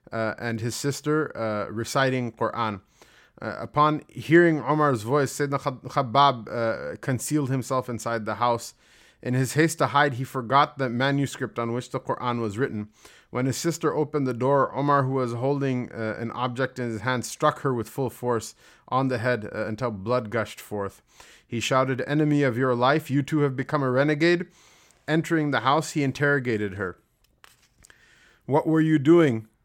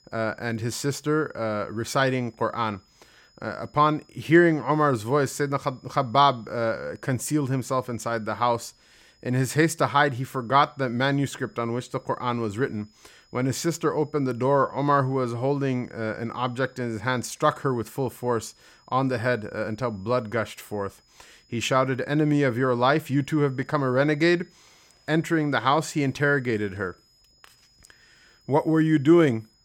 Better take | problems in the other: first | high-pitched whine; faint; throughout; 5 kHz, 35 dB below the speech

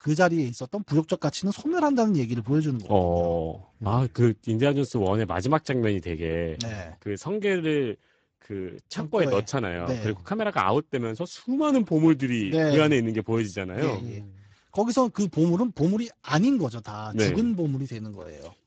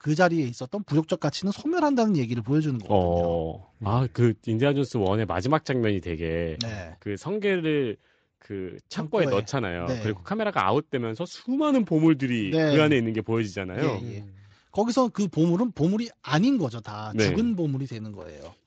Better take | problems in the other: second | garbled, watery; badly; nothing above 7.5 kHz; slightly in the second

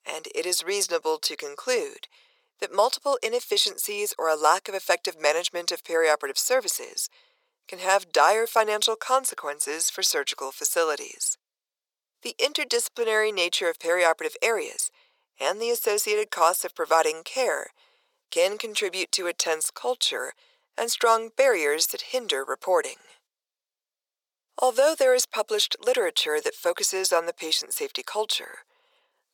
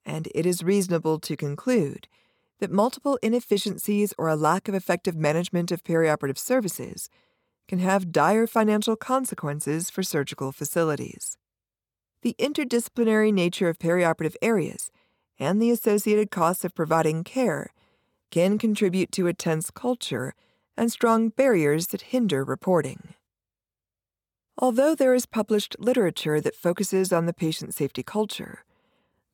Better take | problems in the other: second | thin; very; fading below 450 Hz

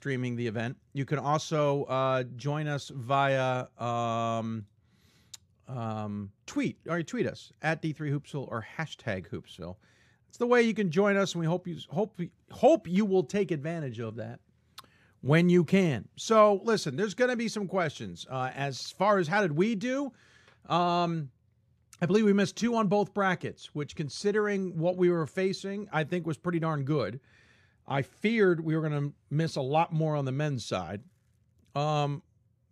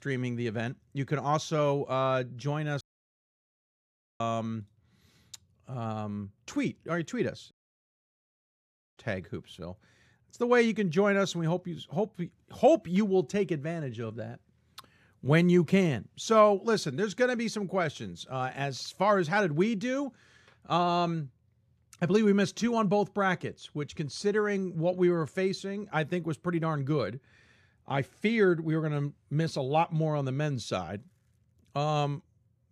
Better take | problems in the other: first | audio cutting out; at 3 s for 1.5 s and at 7.5 s for 1.5 s

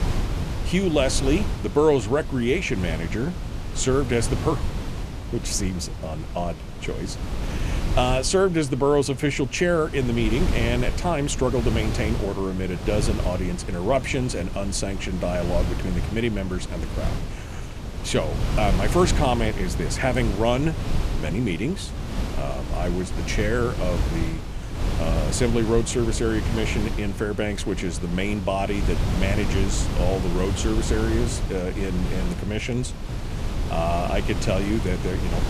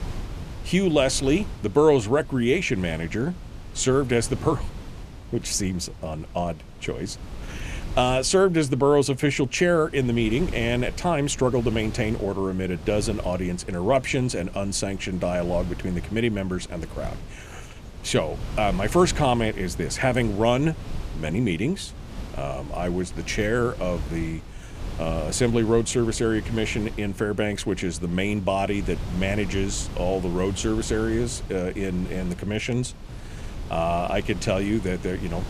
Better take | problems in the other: second | wind noise on the microphone; heavy; 9 dB below the speech; occasional gusts in the second

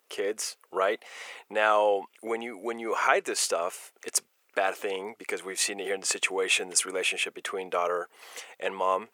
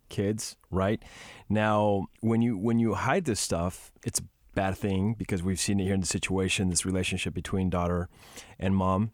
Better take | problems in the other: second | thin; very; fading below 450 Hz

